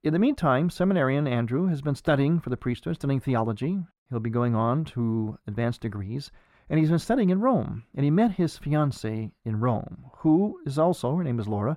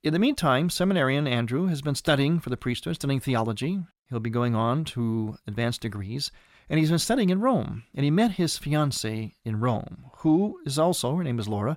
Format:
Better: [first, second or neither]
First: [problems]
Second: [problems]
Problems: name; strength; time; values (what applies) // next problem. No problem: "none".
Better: second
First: muffled; slightly; fading above 2.5 kHz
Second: none